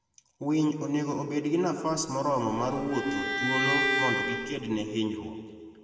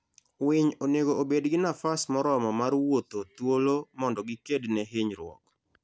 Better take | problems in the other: second | background sound (Bowed string instrument); 1 dB below the speech // room echo; dies away in 1.9 s

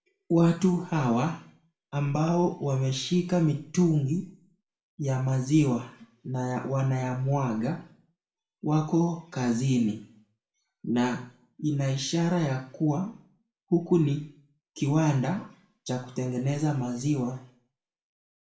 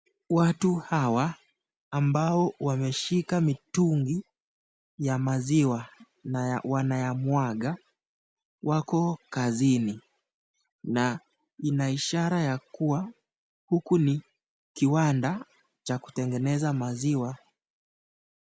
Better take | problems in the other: second | room echo; dies away in 0.4 s

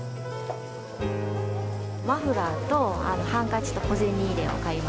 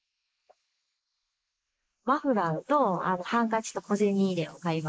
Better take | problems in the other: first | noise reduction (neural mask model Resemble Enhance denoiser)

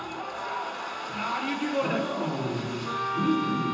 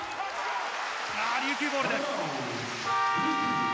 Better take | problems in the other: second | room echo; dies away in 0.6 s

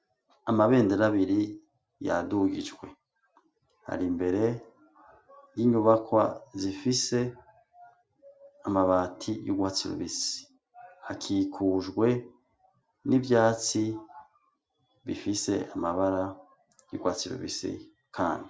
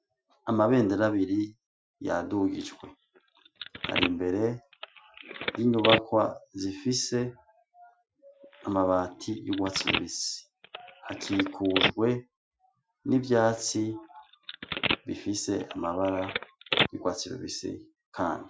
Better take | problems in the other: first | noise reduction (classical method Wiener filter)

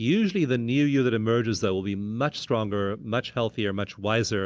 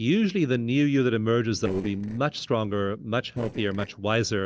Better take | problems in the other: first | noise reduction (neural separator model SepFormer DNS4)

